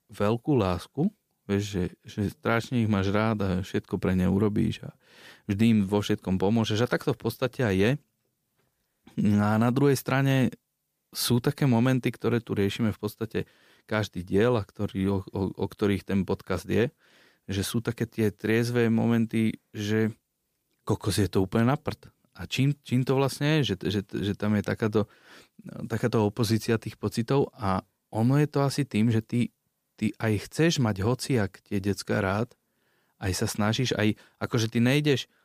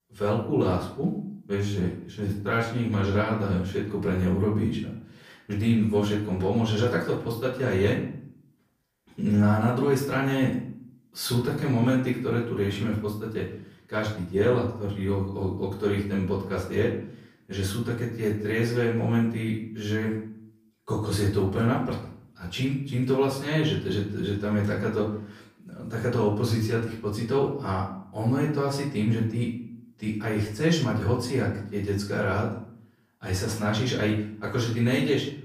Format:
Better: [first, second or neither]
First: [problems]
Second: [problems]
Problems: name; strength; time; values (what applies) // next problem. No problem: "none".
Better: first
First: none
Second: room echo; noticeable; dies away in 0.5 s // off-mic speech; far